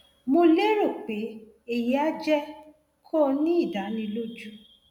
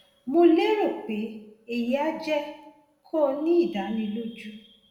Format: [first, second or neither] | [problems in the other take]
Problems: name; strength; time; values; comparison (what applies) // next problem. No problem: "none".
first | room echo; dies away in 0.7 s